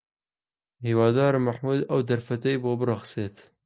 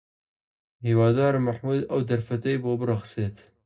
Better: first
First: none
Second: room echo; dies away in 0.2 s

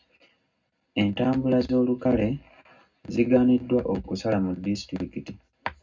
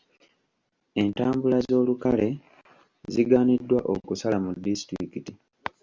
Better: second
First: room echo; dies away in 0.3 s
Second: none

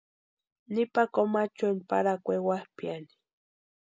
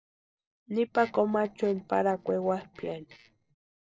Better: first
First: none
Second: noise reduction (neural separator model SepFormer DNS4)

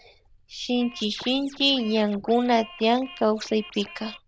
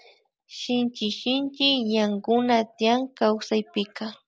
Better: second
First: noise reduction (neural diffusion model UNIVERSE++)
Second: none

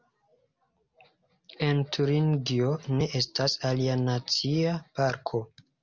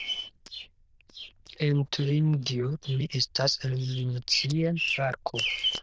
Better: first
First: none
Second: noise reduction (neural diffusion model UNIVERSE++)

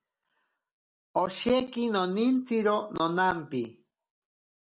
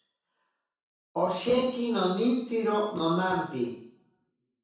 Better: first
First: none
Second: room echo; dies away in 0.7 s

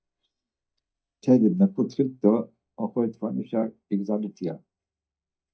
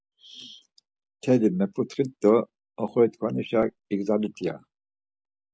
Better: second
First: noise reduction (neural mask model DeepFilterNet 3)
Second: none

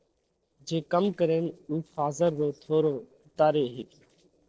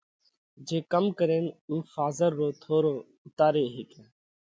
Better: second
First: noise reduction (neural separator model SepFormer DNS4)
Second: none

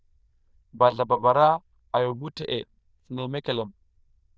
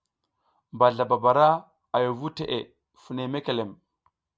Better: second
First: noise reduction (neural diffusion model UNIVERSE++)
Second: none

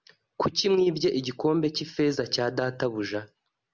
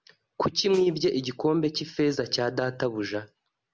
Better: first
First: none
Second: background sound (Snare drum); 20 dB below the speech

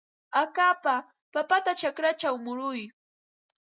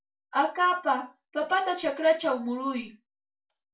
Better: first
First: none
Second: room echo; dies away in 0.2 s

